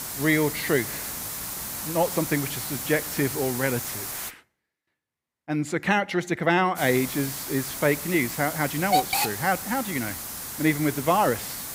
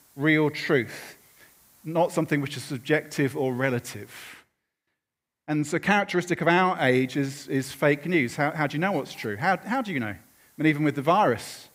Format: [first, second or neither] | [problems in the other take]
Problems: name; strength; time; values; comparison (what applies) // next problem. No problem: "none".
second | hiss; loud; until 4.5 s and from 7 s on; 4 dB below the speech; faint in the second